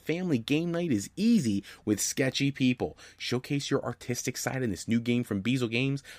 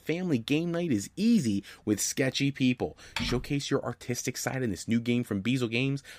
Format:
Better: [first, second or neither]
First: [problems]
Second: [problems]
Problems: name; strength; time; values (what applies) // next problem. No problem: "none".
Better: first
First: none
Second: keyboard typing; noticeable; at 3 s; peak 6 dB below the speech